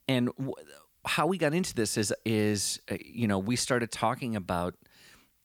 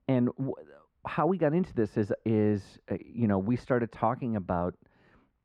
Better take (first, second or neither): first